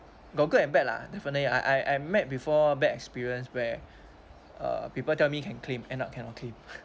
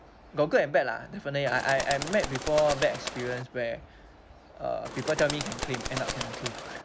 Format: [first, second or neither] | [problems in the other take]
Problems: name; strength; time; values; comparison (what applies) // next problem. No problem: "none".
first | background sound (Bird); 6 dB below the speech